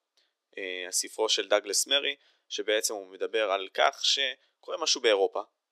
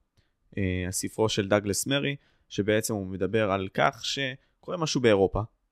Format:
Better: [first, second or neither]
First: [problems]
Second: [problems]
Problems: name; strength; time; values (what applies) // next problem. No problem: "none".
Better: second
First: thin; very; fading below 350 Hz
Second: none